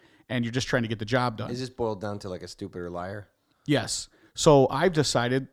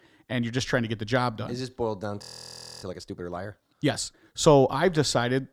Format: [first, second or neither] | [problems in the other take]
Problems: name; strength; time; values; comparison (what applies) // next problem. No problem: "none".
first | audio freezing; at 2 s for 0.5 s